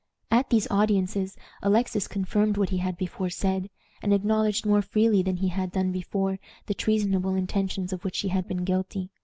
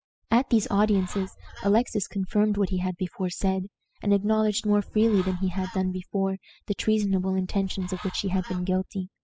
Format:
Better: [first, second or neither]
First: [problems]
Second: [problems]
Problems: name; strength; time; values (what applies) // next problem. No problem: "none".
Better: first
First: none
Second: noise reduction (classical method spectral subtraction)